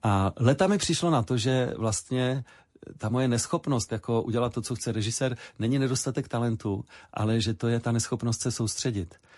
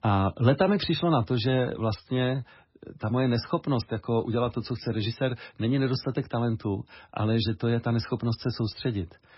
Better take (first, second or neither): first